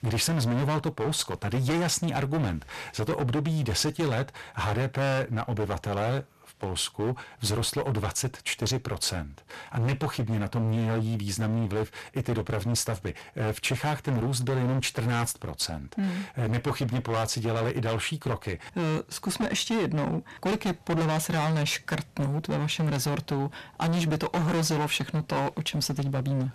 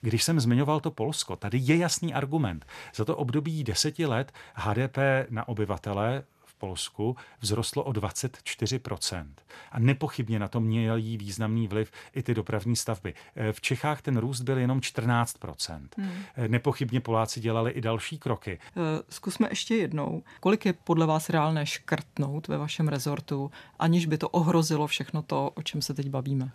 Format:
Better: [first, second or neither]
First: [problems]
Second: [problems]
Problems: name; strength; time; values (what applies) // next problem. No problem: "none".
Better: second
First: distortion; heavy; 22% of the sound clipped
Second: none